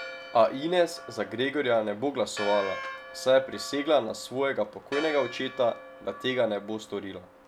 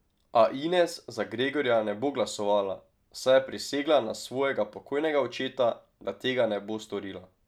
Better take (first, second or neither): second